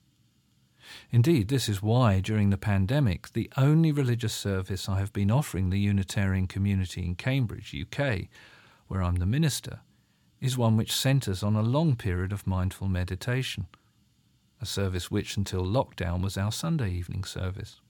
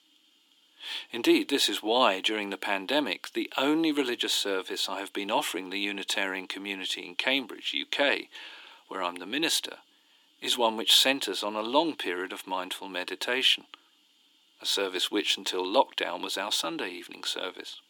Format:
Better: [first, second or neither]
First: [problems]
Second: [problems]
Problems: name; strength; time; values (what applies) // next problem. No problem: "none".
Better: first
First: none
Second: thin; very; fading below 300 Hz